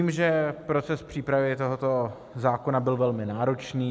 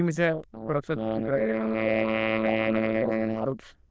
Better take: first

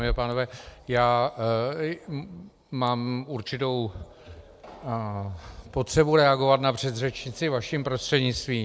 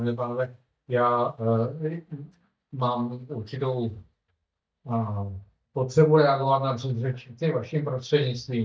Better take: first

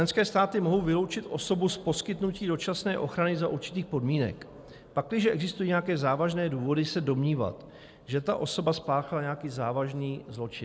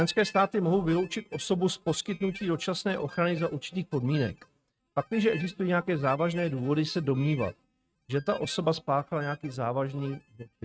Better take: first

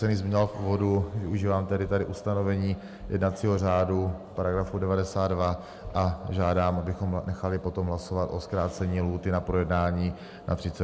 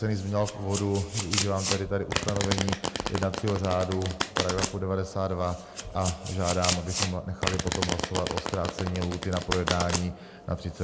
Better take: first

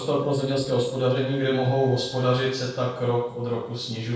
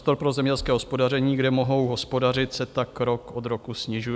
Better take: second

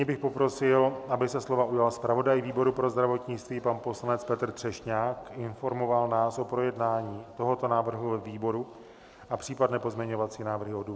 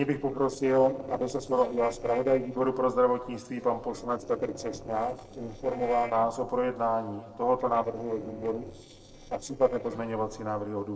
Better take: first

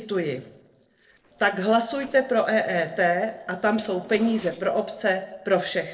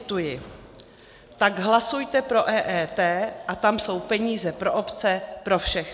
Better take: second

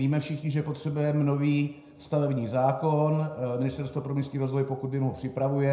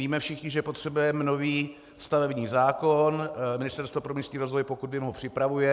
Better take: second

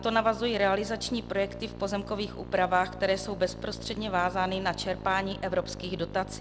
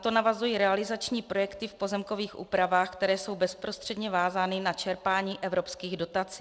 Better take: second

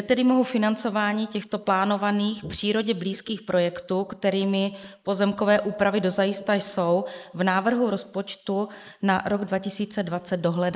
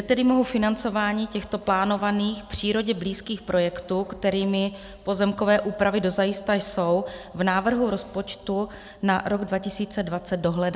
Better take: second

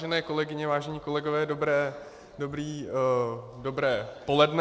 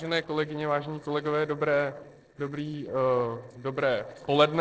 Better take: first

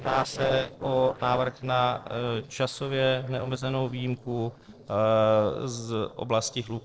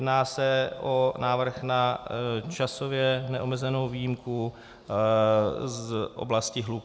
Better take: second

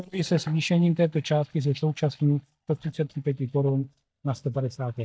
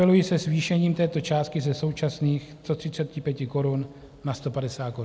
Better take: second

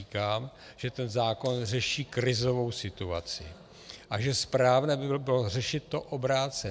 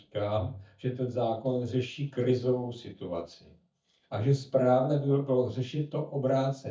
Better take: first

